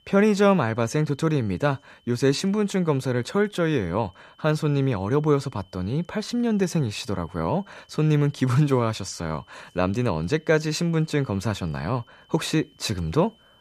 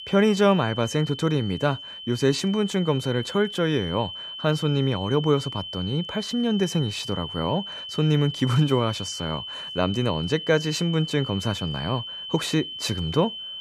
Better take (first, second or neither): first